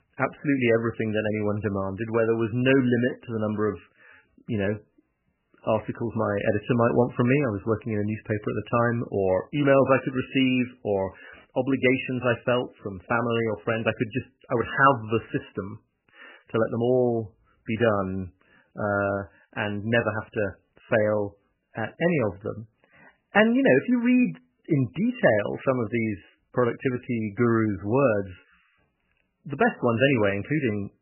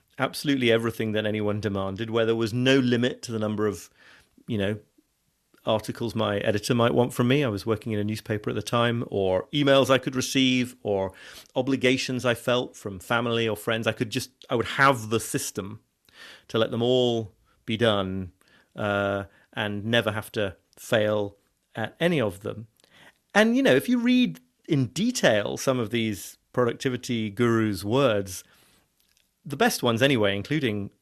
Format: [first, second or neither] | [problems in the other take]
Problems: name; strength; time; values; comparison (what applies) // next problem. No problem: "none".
second | garbled, watery; badly; nothing above 3 kHz